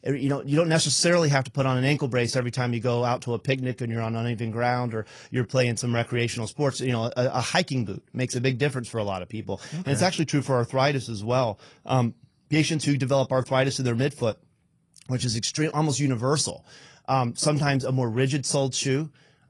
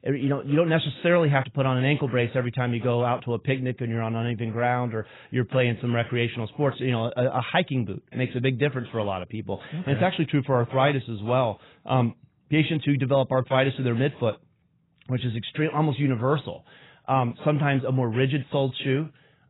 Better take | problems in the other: first | garbled, watery; badly; nothing above 4 kHz; slightly in the first

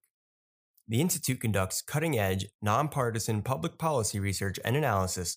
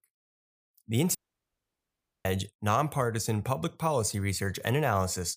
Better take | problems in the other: first | audio cutting out; at 1 s for 1 s

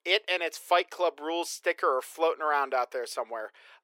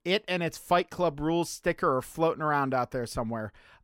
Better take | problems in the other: second | thin; very; fading below 400 Hz

